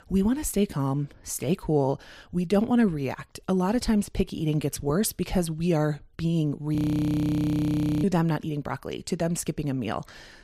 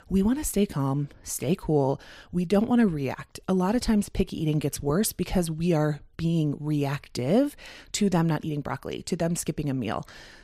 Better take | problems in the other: second | audio freezing; at 7 s for 1.5 s

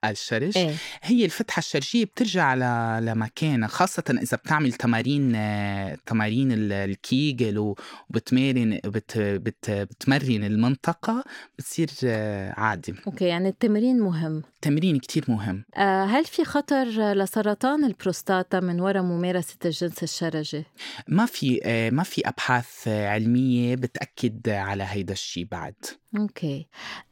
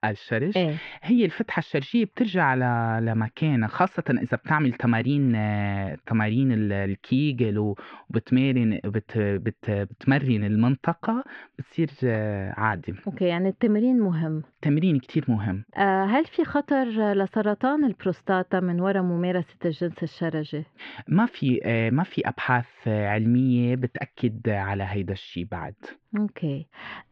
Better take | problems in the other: first | muffled; very; fading above 3 kHz

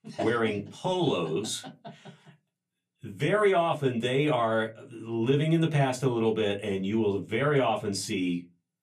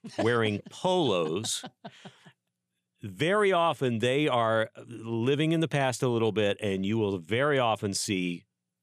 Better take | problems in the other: second | off-mic speech; far // room echo; very slight; dies away in 0.2 s

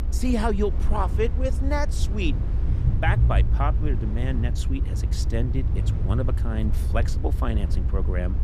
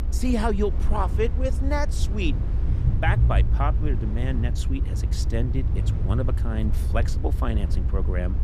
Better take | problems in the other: neither | low rumble; loud; throughout; 10 dB below the speech; the same in both

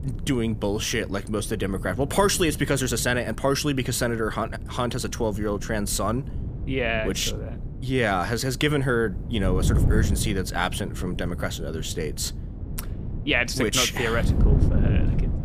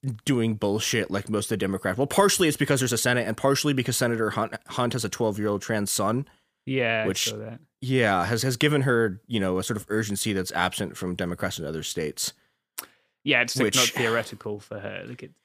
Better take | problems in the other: second | wind noise on the microphone; occasional gusts; 15 dB below the speech

